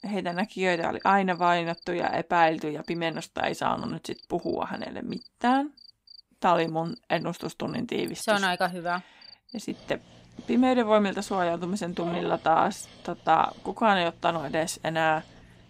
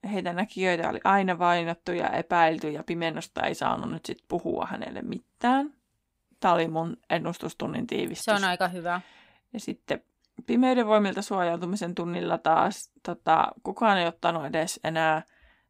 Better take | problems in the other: second | animal sounds; faint; throughout; 20 dB below the speech

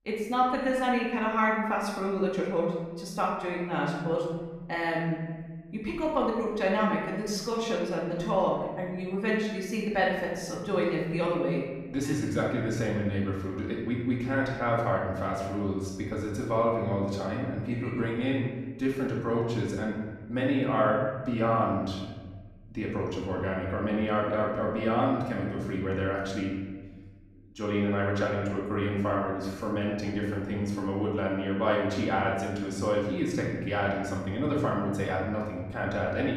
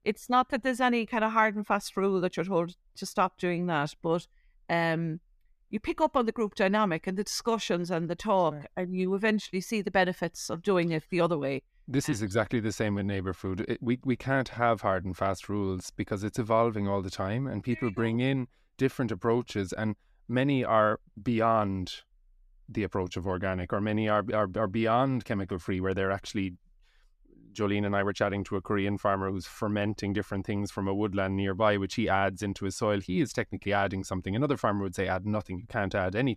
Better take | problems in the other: second | off-mic speech; far // room echo; noticeable; dies away in 1.3 s

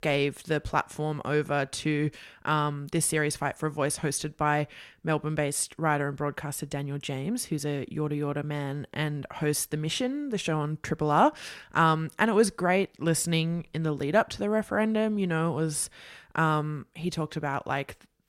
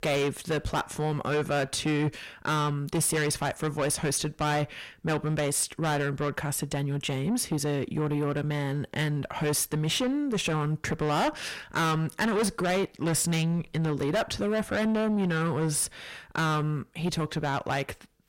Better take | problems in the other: first | distortion; heavy; 6 dB below the speech

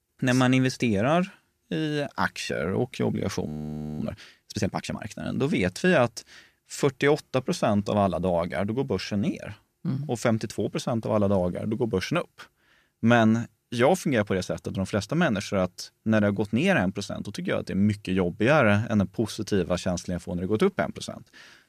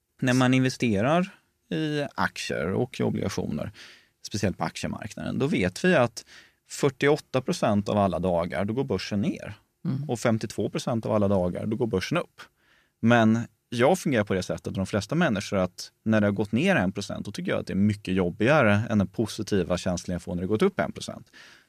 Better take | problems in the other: second | audio freezing; at 3.5 s for 0.5 s

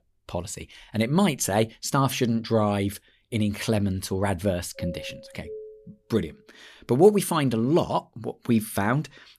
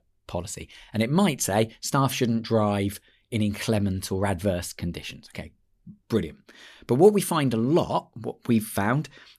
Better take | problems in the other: second | doorbell; faint; from 5 to 6 s; peak 15 dB below the speech

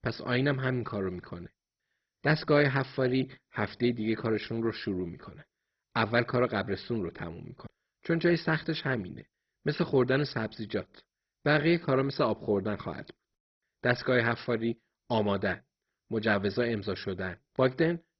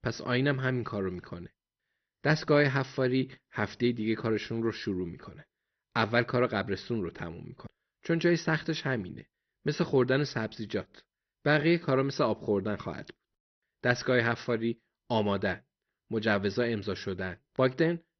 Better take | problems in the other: second | garbled, watery; badly; nothing above 5.5 kHz; slightly in the second

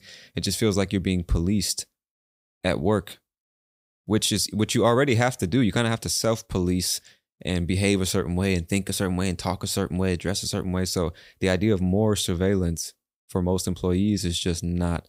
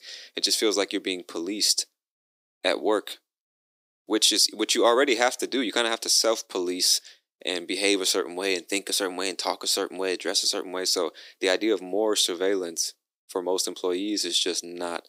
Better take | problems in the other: first | thin; somewhat; fading below 300 Hz

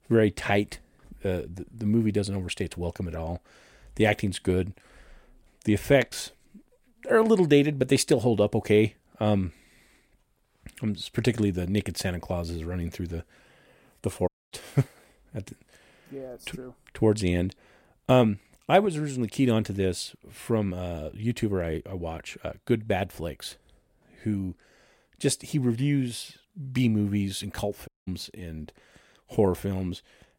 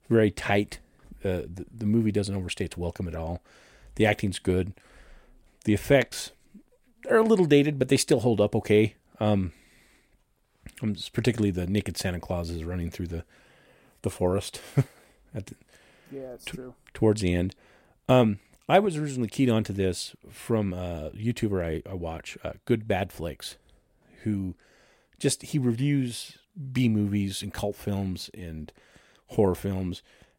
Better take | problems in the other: second | audio cutting out; at 14 s and at 28 s

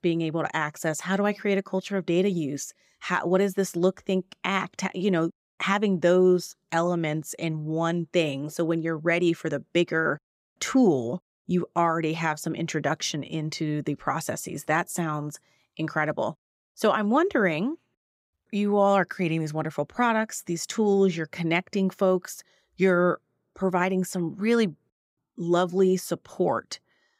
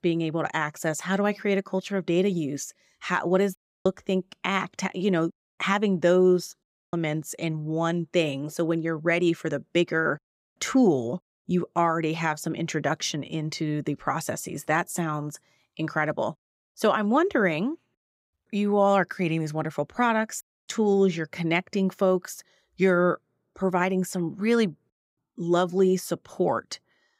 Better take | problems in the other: first | audio cutting out; at 3.5 s, at 6.5 s and at 20 s

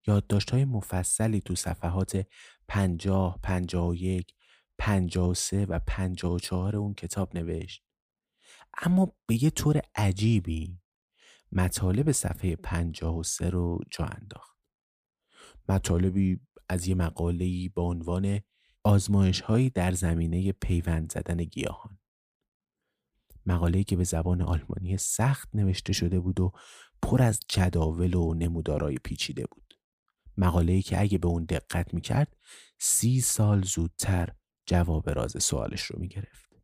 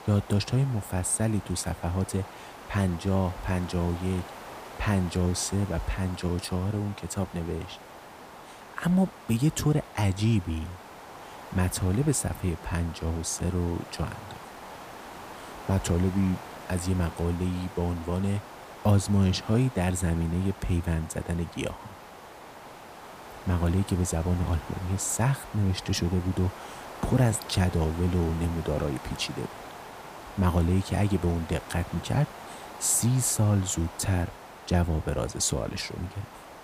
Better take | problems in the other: first | hiss; noticeable; throughout; 15 dB below the speech

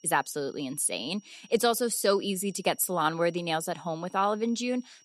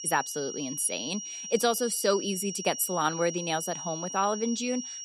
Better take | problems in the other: first | high-pitched whine; loud; throughout; 5.5 kHz, 7 dB below the speech; faint in the first

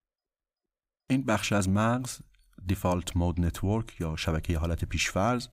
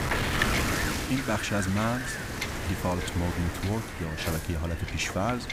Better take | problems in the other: first | wind noise on the microphone; heavy; 1 dB above the speech

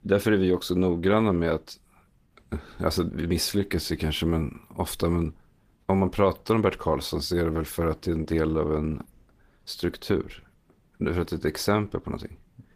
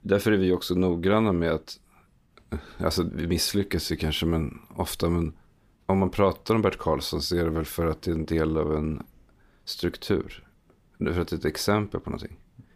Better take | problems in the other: second | garbled, watery; slightly; nothing above 15 kHz

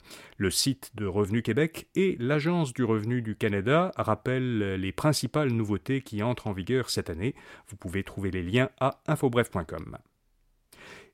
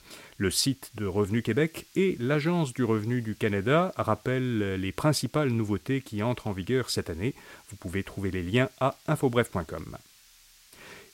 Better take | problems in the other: first | hiss; faint; throughout; 25 dB below the speech

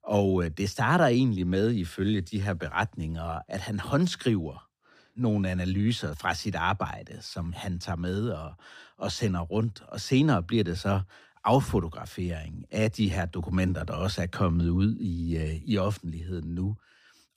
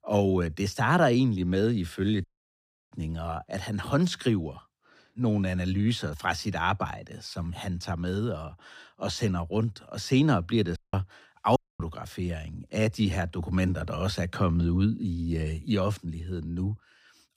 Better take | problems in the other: first | audio cutting out; at 2 s for 0.5 s, at 11 s and at 12 s

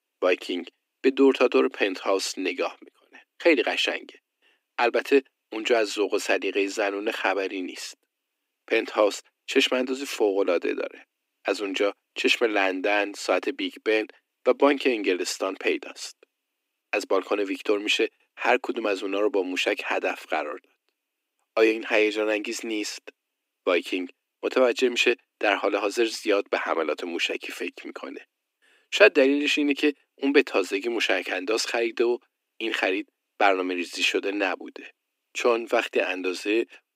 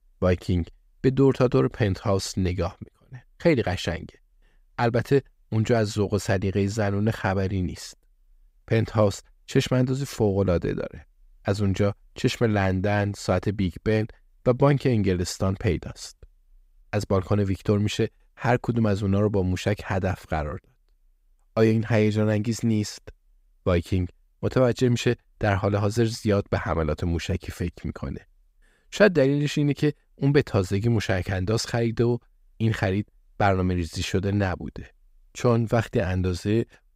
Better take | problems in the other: second | thin; somewhat; fading below 250 Hz

